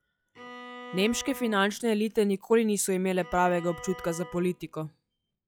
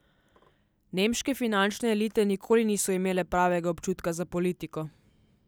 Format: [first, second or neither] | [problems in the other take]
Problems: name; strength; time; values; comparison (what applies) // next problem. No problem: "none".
second | noise reduction (classical method log-MMSE)